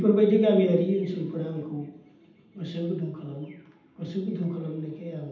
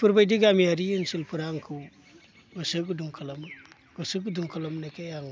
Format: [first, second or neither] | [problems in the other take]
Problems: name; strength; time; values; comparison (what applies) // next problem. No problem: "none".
second | room echo; dies away in 0.8 s